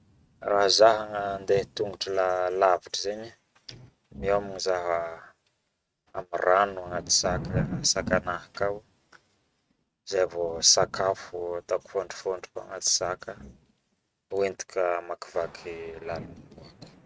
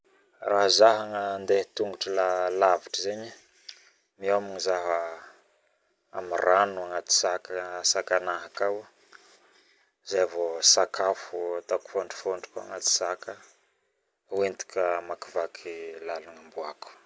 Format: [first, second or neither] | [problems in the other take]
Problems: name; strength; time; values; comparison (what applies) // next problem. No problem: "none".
second | noise reduction (neural mask model RNNoise)